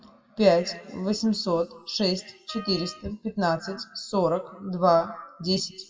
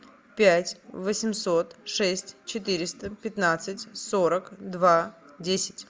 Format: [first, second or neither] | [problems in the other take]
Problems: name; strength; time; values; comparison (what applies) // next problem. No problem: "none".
second | noise reduction (classical method WPE with log-MMSE)